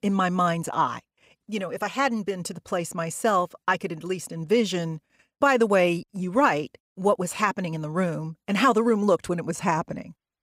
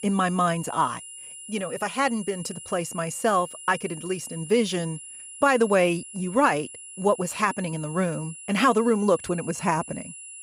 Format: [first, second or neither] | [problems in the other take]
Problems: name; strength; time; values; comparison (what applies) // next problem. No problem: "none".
first | high-pitched whine; noticeable; throughout; 10 kHz, 15 dB below the speech